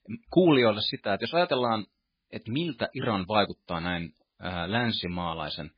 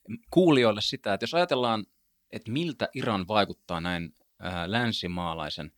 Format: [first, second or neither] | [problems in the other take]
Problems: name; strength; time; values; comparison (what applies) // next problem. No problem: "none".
second | garbled, watery; badly; nothing above 4 kHz